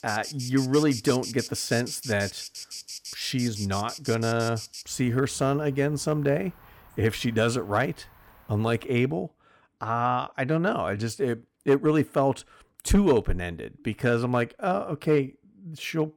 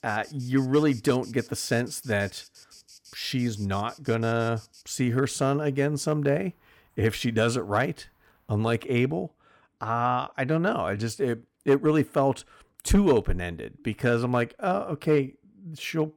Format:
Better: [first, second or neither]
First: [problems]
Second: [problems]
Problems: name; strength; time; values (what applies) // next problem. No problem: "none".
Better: second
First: animal sounds; loud; until 9 s; 10 dB below the speech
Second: animal sounds; faint; until 9 s; 25 dB below the speech